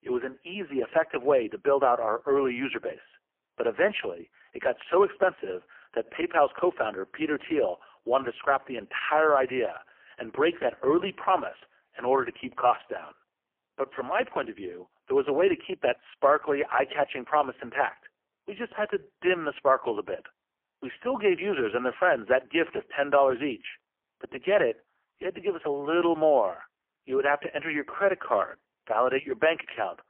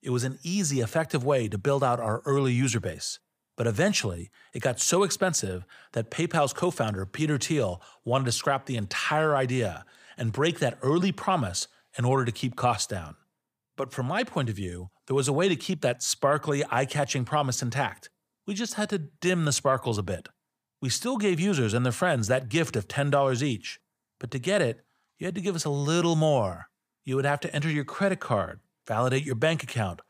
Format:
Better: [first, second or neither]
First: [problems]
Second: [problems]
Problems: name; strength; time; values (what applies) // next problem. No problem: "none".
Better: second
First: phone-call audio; poor line; nothing above 3 kHz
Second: none